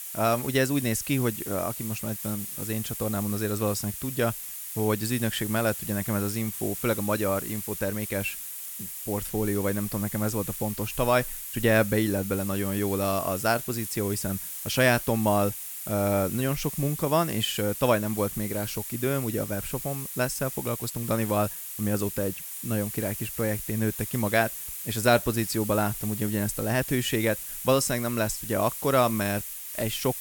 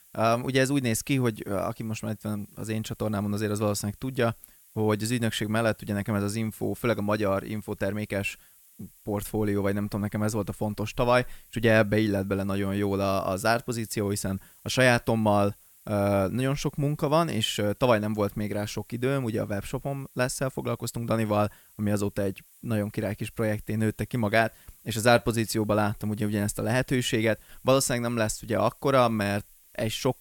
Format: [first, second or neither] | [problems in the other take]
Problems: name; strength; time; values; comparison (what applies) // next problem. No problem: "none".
second | hiss; loud; throughout; 6 dB below the speech; faint in the second